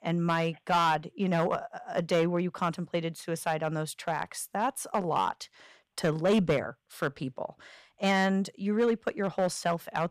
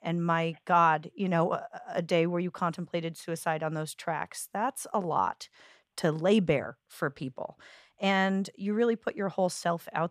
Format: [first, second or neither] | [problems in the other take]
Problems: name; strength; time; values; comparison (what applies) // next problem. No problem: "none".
second | distortion; slight; 3% of the sound clipped